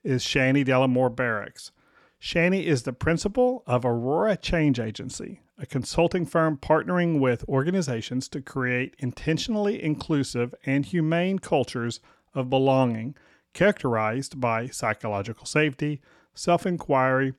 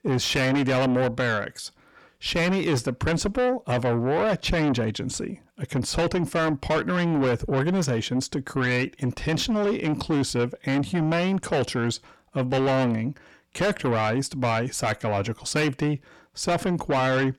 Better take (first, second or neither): first